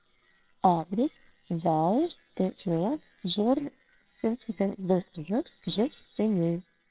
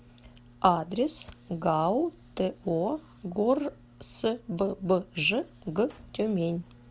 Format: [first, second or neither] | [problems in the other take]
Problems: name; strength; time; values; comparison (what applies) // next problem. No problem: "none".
second | noise reduction (neural separator model SepFormer WHAMR!)